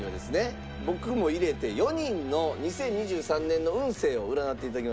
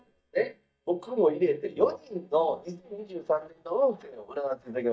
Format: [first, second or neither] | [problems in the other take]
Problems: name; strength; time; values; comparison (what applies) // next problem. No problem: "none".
first | noise reduction (neural mask model DeepFilterNet 3)